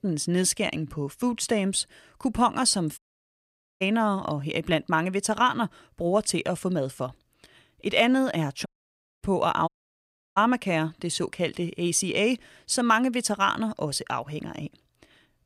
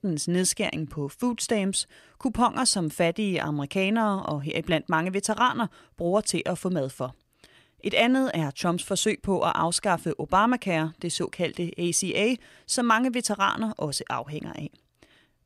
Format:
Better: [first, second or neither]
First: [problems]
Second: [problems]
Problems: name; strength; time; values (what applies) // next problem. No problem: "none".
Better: second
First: audio cutting out; at 3 s for 1 s, at 8.5 s for 0.5 s and at 9.5 s for 0.5 s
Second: none